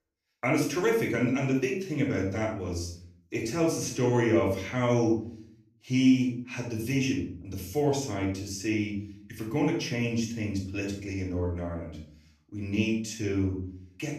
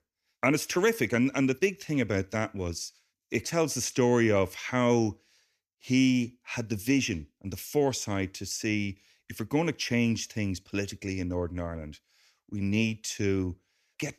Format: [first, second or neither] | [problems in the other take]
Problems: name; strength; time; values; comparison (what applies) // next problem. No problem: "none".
second | off-mic speech; far // room echo; noticeable; dies away in 0.5 s